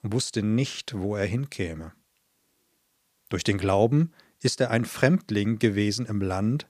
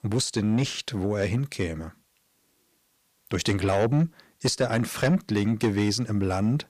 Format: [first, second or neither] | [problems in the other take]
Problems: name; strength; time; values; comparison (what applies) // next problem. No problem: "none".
first | distortion; slight; 10 dB below the speech